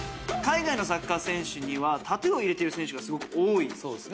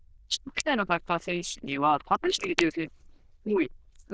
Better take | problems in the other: first | noise reduction (neural diffusion model UNIVERSE++)

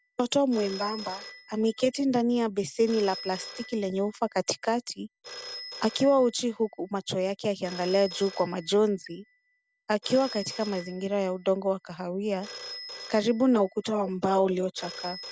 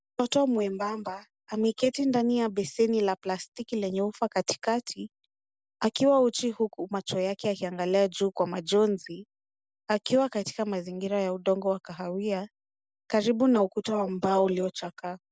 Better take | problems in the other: second | background sound (Telephone); 17 dB below the speech

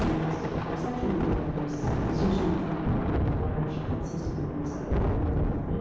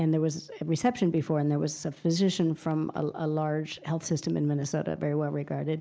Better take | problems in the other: second | background sound (Thunder); 4 dB above the speech // room echo; dies away in 1.3 s

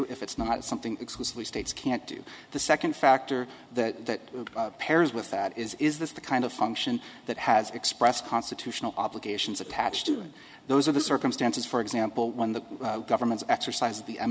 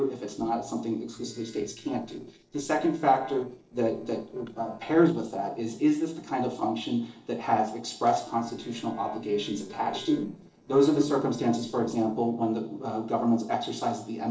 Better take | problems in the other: first | noise reduction (neural separator model SepFormer DNS4)

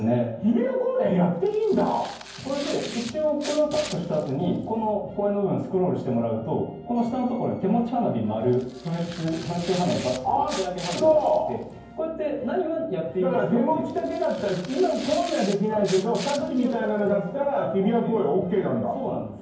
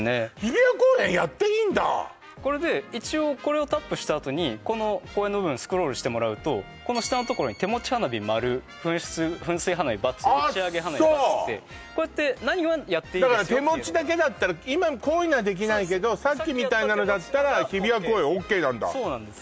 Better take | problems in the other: second | background sound (Tearing); 16 dB below the speech // room echo; dies away in 0.9 s

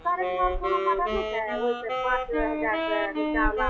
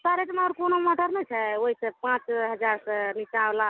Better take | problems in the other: second | noise reduction (classical method log-MMSE)

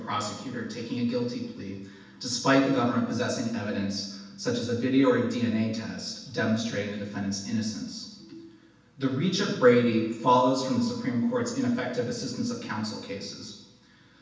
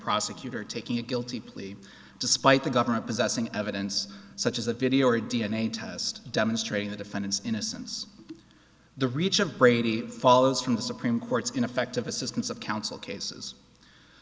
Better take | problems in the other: second | room echo; dies away in 0.9 s

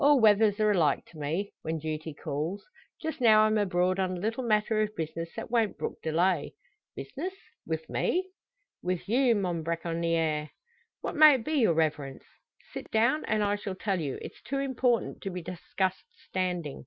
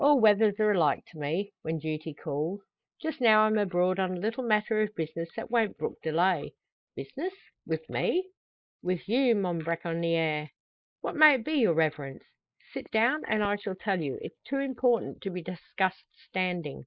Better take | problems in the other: first | noise reduction (neural mask model Resemble Enhance denoiser)

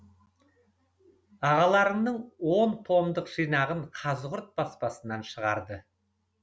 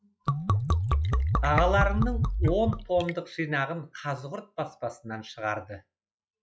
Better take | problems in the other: first | noise reduction (classical method log-MMSE)

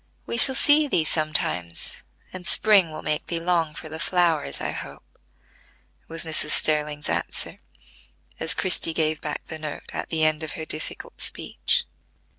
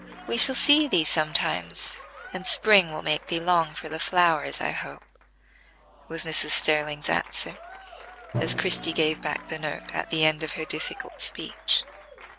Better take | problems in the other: first | background sound (Drum + Applause / Crowd); 14 dB below the speech

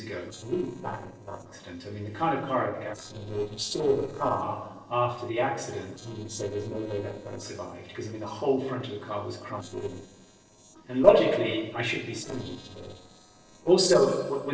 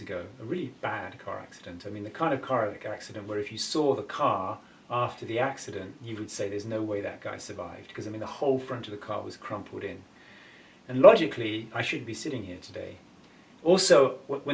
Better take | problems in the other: second | noise reduction (neural separator model SepFormer DNS4)

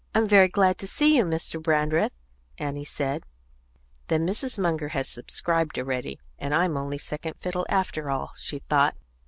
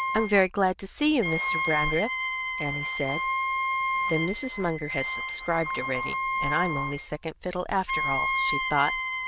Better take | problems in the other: first | noise reduction (neural diffusion model UNIVERSE++)

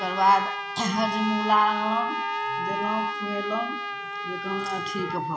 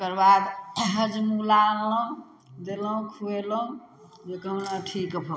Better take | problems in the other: second | background sound (Trumpet + Wind instrument, woodwind instrument); 3 dB below the speech

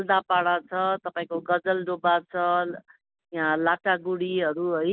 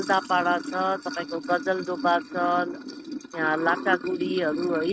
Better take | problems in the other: first | noise reduction (neural mask model RNNoise)

